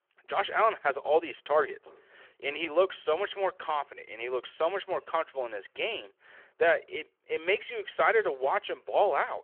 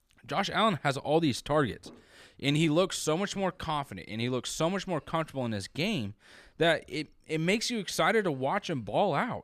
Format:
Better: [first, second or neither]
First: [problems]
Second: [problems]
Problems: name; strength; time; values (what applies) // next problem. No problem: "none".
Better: second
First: phone-call audio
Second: none